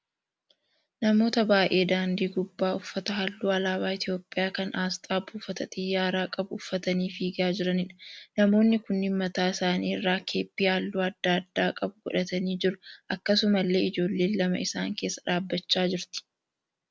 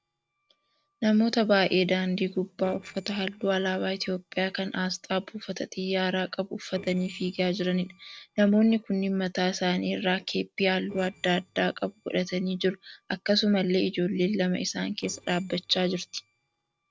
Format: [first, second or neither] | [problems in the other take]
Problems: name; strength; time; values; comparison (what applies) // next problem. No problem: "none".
first | noise reduction (neural separator model SepFormer DNS4)